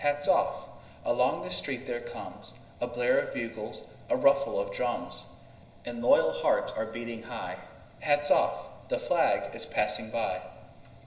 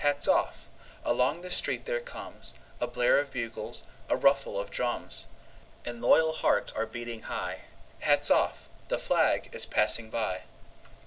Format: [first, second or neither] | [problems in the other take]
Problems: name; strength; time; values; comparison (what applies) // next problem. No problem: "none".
second | room echo; dies away in 0.9 s